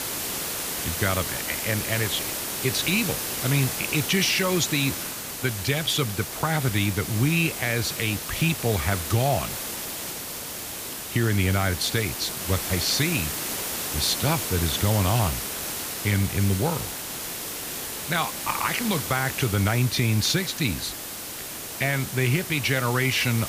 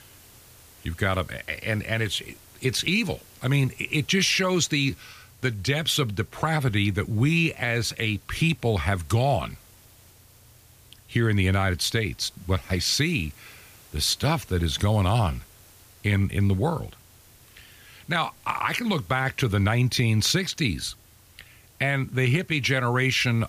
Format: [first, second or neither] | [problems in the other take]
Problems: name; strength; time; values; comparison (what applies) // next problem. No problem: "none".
second | hiss; loud; throughout; 4 dB below the speech; faint in the second